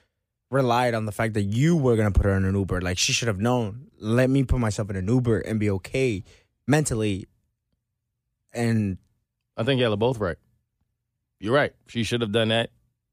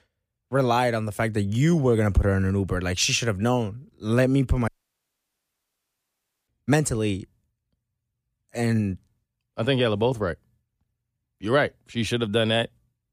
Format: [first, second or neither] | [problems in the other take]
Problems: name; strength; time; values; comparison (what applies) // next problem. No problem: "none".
first | audio cutting out; at 4.5 s for 2 s